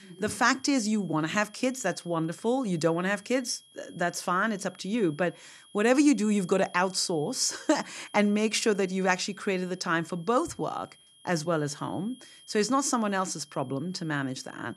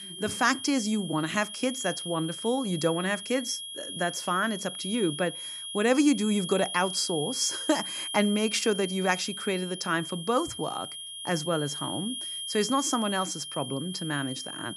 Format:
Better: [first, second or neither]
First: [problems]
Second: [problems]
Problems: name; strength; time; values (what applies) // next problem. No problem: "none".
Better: first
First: high-pitched whine; faint; throughout; 3 kHz, 25 dB below the speech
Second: high-pitched whine; loud; throughout; 3 kHz, 7 dB below the speech